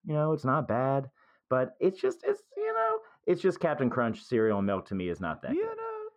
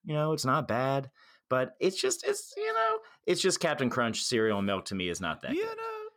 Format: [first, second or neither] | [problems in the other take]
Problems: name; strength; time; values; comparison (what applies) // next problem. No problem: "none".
second | muffled; very; fading above 2.5 kHz